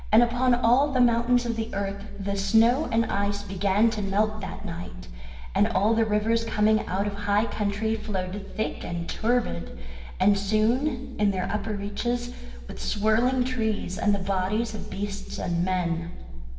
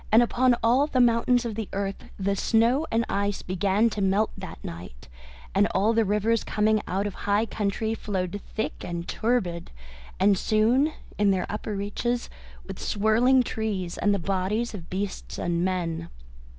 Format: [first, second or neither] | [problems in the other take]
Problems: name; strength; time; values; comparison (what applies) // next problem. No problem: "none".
second | room echo; dies away in 1.4 s